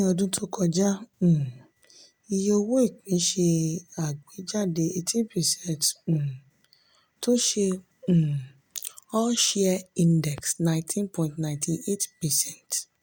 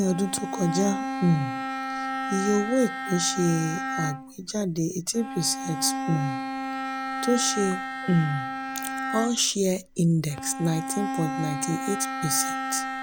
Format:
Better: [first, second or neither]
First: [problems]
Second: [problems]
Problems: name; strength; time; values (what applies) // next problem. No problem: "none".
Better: first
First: none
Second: background sound (Bowed string instrument); 5 dB below the speech